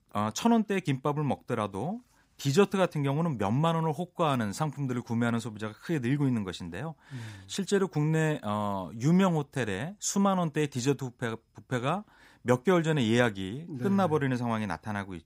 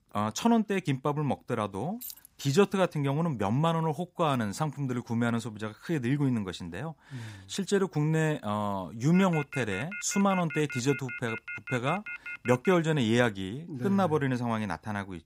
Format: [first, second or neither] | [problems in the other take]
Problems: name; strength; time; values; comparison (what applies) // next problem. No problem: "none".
first | jangling keys; faint; at 2 s; peak 10 dB below the speech // phone ringing; noticeable; from 9 to 13 s; peak 9 dB below the speech